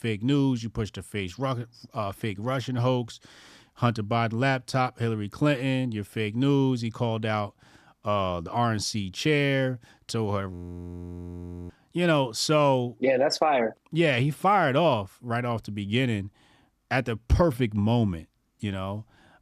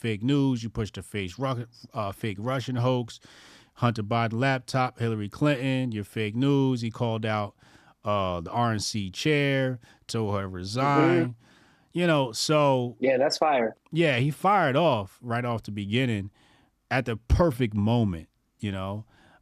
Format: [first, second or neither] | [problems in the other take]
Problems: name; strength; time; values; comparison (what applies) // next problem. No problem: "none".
second | audio freezing; at 11 s for 1 s